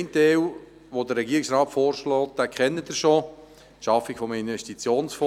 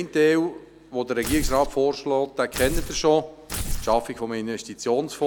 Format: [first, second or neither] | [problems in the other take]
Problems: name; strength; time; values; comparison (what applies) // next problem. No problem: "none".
first | background sound (Tearing); 6 dB below the speech